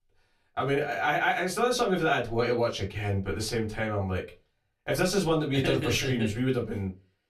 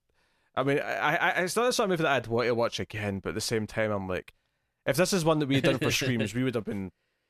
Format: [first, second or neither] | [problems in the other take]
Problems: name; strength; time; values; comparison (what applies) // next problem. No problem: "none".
second | off-mic speech; far // room echo; very slight; dies away in 0.2 s